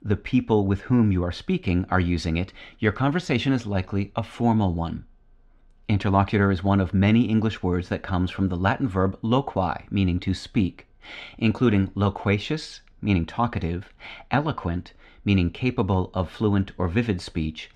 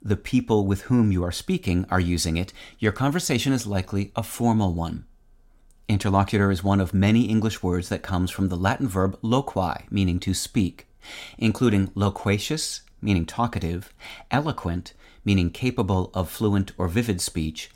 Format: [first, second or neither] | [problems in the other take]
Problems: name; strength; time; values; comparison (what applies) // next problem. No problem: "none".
second | muffled; slightly; fading above 3 kHz